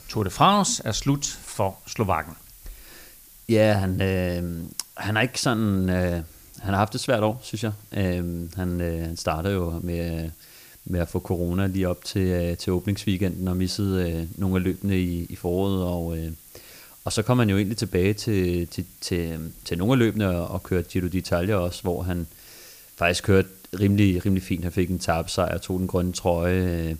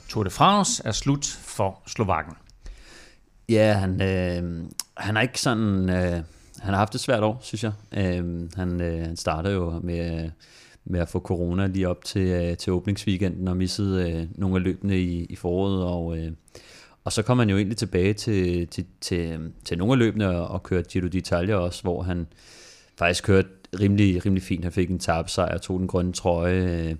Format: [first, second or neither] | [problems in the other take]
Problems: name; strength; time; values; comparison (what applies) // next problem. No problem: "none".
second | hiss; faint; throughout; 20 dB below the speech